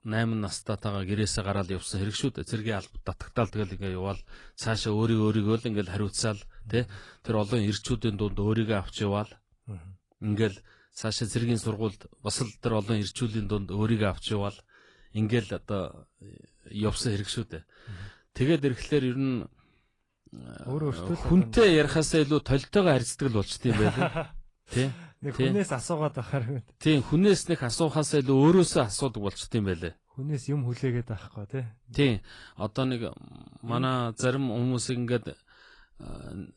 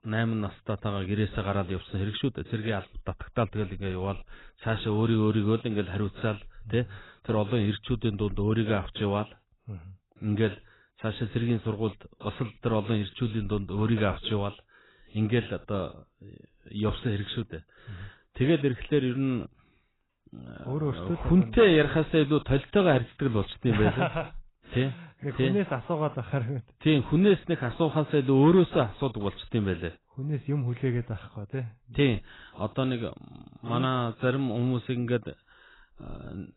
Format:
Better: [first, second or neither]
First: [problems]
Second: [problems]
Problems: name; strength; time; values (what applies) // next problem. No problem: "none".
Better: first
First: garbled, watery; slightly; nothing above 10 kHz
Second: garbled, watery; badly; nothing above 4 kHz